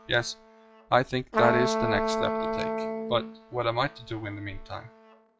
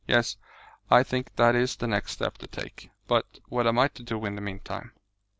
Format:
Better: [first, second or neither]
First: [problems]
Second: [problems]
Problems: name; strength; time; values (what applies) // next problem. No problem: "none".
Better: second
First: noise reduction (classical method log-MMSE)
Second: none